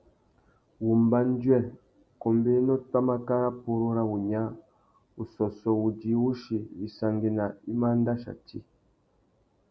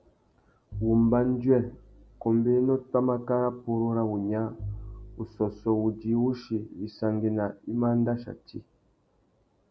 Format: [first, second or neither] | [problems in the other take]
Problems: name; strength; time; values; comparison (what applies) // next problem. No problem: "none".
first | background sound (Bowed string instrument); 17 dB below the speech